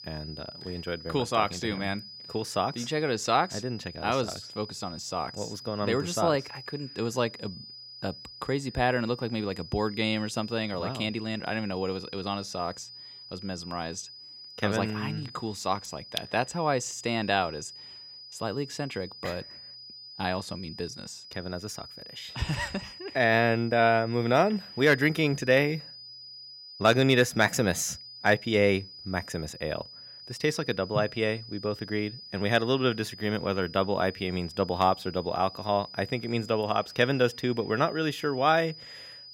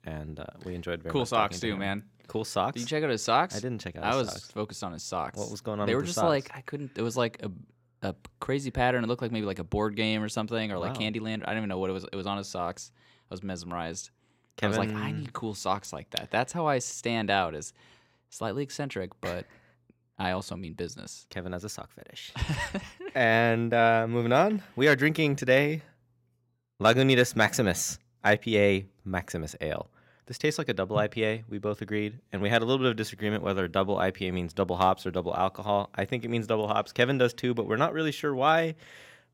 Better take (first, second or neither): second